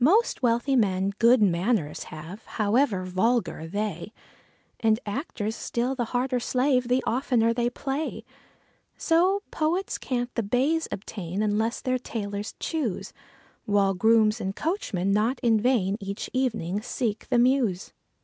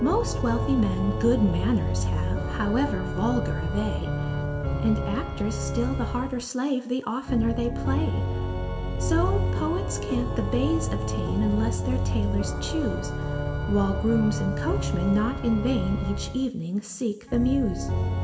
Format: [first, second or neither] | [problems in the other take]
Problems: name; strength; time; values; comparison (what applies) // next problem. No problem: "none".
first | background sound (Organ); as loud as the speech // room echo; dies away in 2.7 s